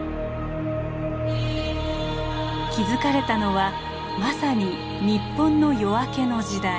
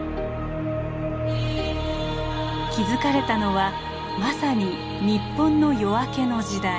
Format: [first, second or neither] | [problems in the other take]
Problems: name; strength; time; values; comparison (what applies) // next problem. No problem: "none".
first | background sound (Bowed string instrument); 20 dB below the speech